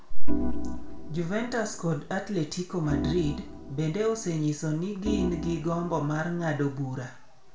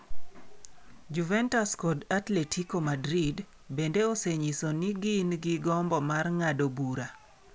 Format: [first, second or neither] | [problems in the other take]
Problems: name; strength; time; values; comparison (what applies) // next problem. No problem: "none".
second | background sound (Organ); 12 dB below the speech // room echo; dies away in 0.4 s